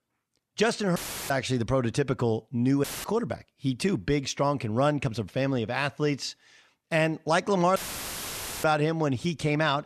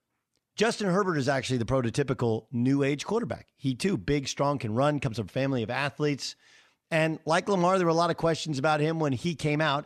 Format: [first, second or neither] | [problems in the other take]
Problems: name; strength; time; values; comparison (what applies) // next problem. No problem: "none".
second | audio cutting out; filled with static; at 1 s, at 3 s and at 8 s for 1 s